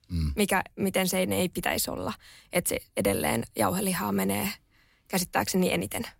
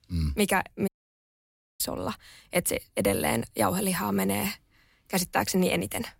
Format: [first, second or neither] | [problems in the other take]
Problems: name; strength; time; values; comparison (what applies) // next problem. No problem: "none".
first | audio cutting out; at 1 s for 1 s